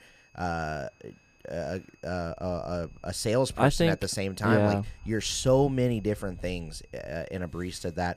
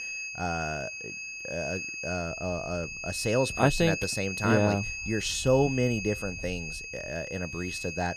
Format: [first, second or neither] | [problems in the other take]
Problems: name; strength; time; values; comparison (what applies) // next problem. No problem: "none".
first | high-pitched whine; loud; throughout; 2.5 kHz, 6 dB below the speech; faint in the first